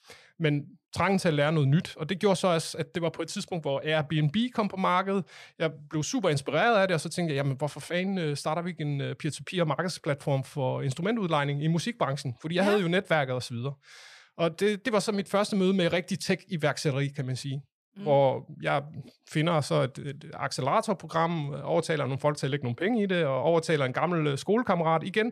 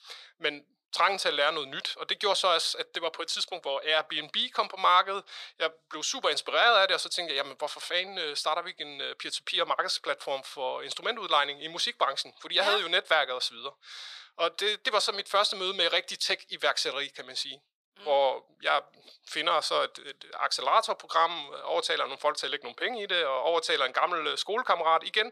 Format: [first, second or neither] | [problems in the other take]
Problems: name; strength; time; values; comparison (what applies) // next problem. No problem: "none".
first | thin; very; fading below 500 Hz